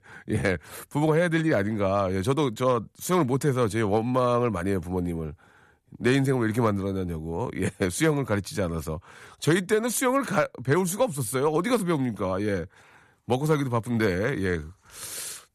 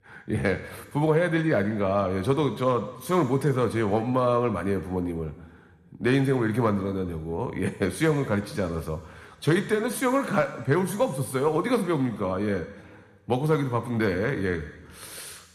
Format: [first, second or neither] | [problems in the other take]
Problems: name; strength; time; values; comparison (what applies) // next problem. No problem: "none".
first | room echo; very slight; dies away in 1.4 s